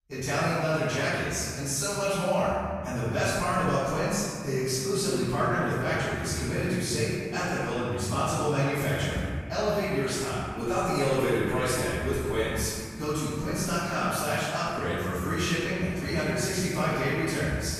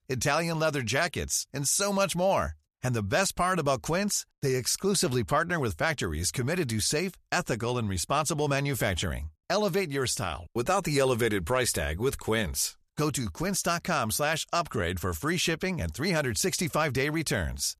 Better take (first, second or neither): second